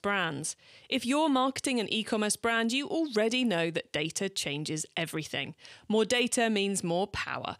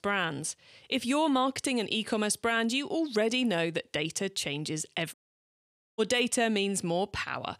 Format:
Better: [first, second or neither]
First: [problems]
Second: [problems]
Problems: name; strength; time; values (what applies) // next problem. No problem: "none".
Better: first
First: none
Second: audio cutting out; at 5 s for 1 s